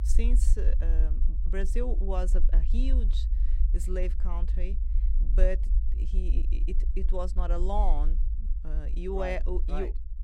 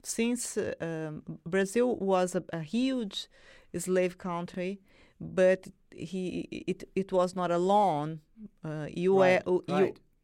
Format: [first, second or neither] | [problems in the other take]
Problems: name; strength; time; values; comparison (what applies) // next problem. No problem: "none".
second | low rumble; noticeable; throughout; 15 dB below the speech